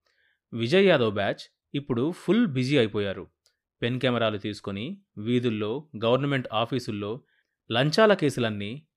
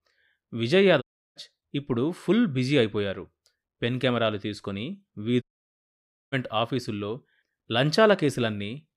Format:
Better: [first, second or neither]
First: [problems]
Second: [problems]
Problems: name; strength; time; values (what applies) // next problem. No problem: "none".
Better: first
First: none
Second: audio cutting out; at 1 s and at 5.5 s for 1 s